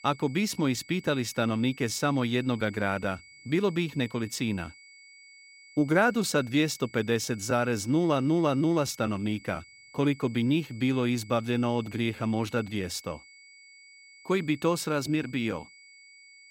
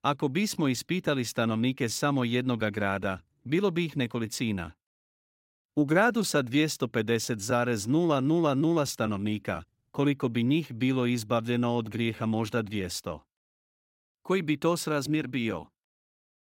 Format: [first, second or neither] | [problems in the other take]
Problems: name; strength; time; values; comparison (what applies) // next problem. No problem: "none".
second | high-pitched whine; faint; throughout; 2 kHz, 20 dB below the speech